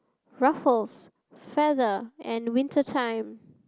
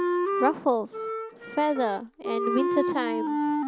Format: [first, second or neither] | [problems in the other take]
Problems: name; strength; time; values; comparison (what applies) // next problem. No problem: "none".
first | background sound (Wind instrument, woodwind instrument); as loud as the speech